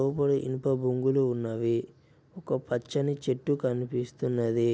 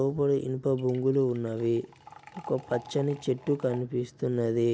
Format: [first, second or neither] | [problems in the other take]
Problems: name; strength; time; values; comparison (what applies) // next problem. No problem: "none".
first | background sound (Liquid); 20 dB below the speech